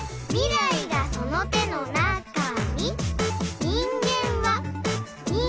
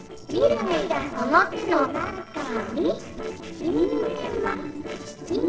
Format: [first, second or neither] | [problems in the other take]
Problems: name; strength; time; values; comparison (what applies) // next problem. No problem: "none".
first | noise reduction (neural separator model SepFormer DNS4)